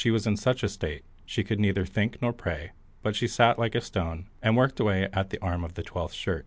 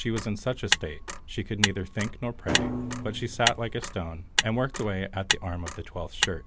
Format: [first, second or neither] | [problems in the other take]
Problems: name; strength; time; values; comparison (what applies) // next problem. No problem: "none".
first | background sound (Motor vehicle (road) + Thump, thud); as loud as the speech